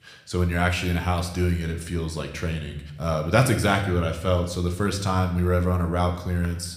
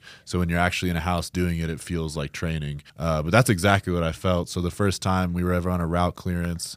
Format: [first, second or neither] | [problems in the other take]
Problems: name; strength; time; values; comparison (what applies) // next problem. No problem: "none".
second | room echo; slight; dies away in 0.7 s